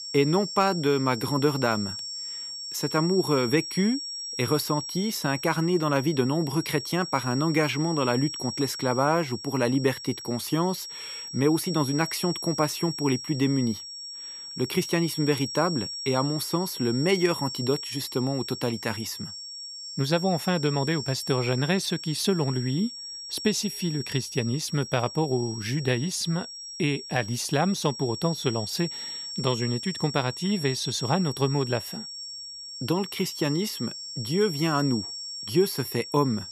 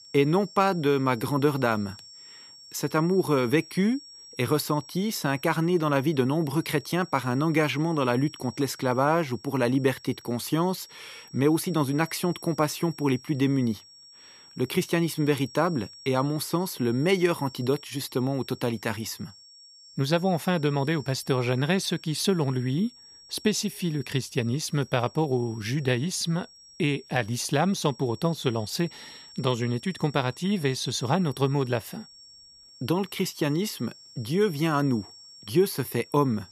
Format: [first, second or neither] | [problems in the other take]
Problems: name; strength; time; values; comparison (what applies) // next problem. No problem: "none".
second | high-pitched whine; loud; throughout; 5.5 kHz, 8 dB below the speech; faint in the second